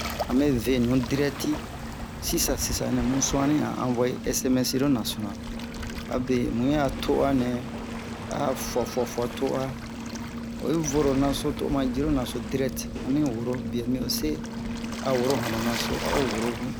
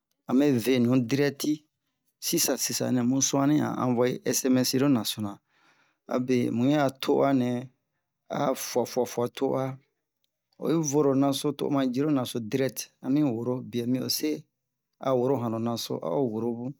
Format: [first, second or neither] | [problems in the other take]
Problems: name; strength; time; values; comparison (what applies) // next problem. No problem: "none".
second | background sound (Waves, surf); 6 dB below the speech